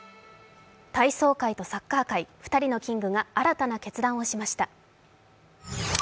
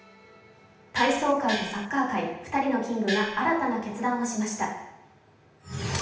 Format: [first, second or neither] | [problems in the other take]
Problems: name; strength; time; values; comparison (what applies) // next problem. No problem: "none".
first | background sound (Gong); 5 dB below the speech // room echo; dies away in 0.8 s